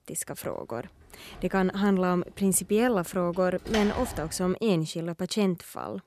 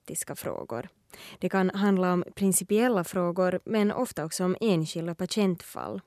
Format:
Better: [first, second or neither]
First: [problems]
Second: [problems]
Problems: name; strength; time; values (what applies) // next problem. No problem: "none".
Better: second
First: door banging; noticeable; from 1.5 to 4.5 s; peak 6 dB below the speech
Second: none